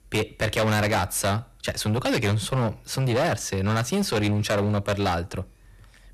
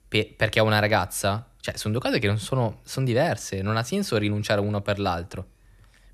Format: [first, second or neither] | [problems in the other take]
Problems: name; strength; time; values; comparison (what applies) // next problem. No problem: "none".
second | distortion; heavy; 16% of the sound clipped